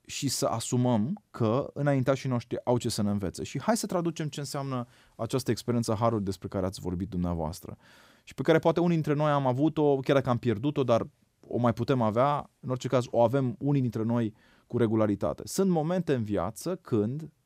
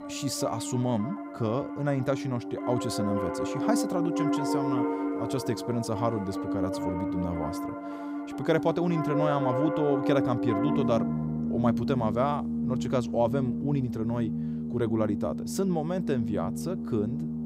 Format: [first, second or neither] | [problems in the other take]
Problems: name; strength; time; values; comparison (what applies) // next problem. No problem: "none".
first | background music; loud; throughout; 1 dB below the speech